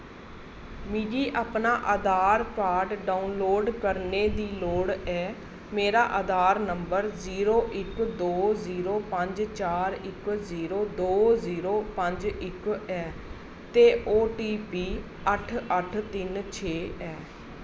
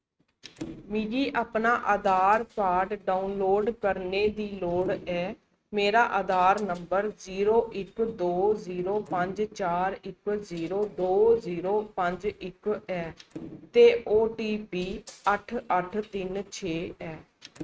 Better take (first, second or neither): first